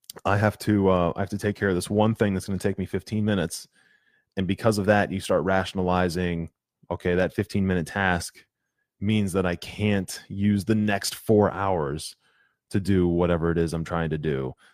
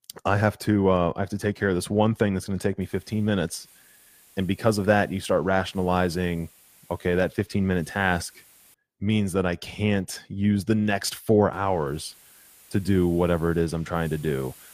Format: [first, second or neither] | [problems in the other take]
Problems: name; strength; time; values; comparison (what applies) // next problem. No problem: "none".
first | hiss; faint; from 3 to 8.5 s and from 12 s on; 25 dB below the speech